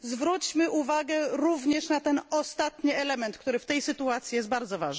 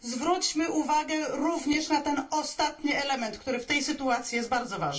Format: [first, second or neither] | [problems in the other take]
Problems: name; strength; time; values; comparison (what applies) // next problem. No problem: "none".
first | room echo; dies away in 0.2 s